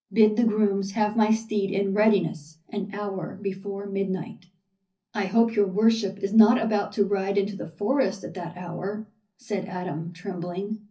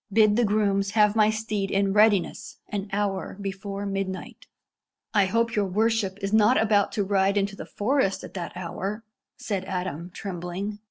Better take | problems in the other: second | room echo; dies away in 0.4 s

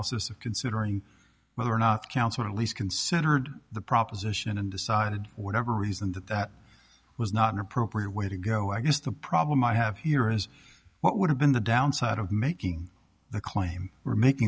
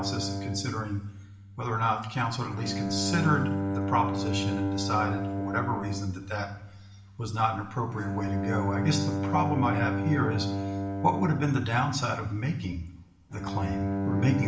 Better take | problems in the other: first | background sound (Bowed string instrument); 2 dB below the speech // room echo; dies away in 0.7 s

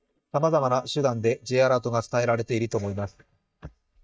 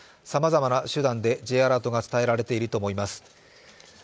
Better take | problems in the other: second | noise reduction (neural mask model DeepFilterNet 3)

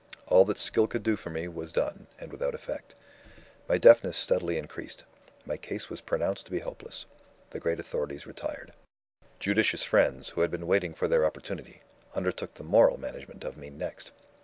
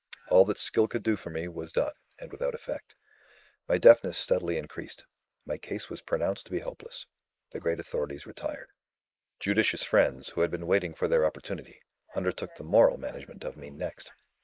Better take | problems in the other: first | noise reduction (neural mask model Resemble Enhance denoiser)

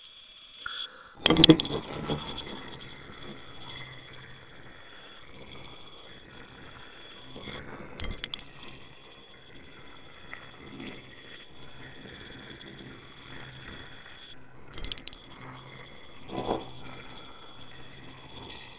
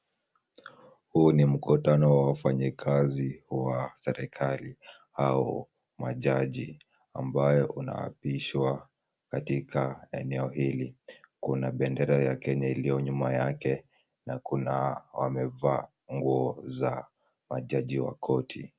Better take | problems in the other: second | noise reduction (neural separator model SepFormer WHAMR!)

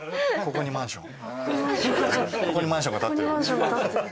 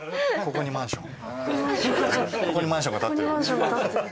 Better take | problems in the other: first | background sound (Fireworks); 20 dB below the speech

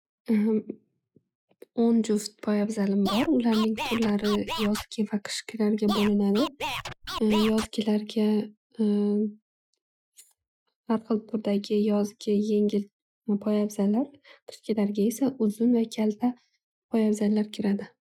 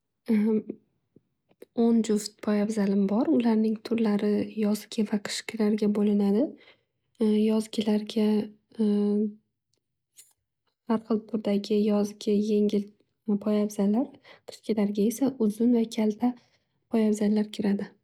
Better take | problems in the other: second | noise reduction (classical method Wiener filter)

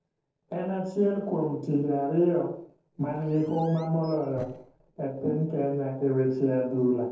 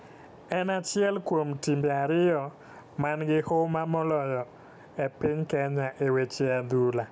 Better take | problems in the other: second | noise reduction (neural separator model SepFormer DNS4)

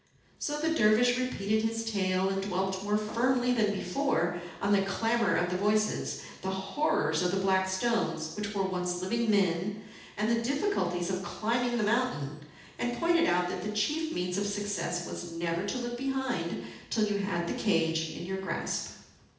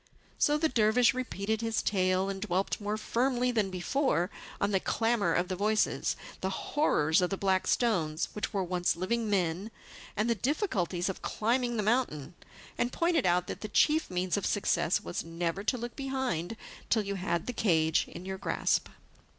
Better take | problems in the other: second | background sound (Fireworks); 17 dB below the speech // room echo; dies away in 0.8 s

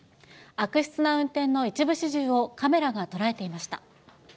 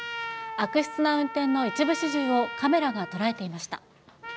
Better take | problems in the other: first | background sound (Trumpet); 10 dB below the speech

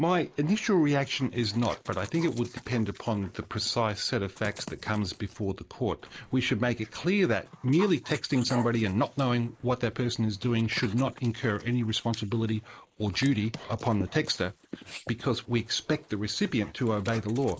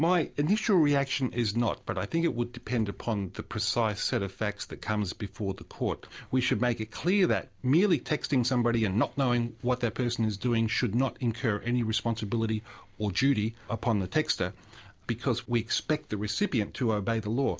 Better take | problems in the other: second | noise reduction (neural mask model Resemble Enhance denoiser)

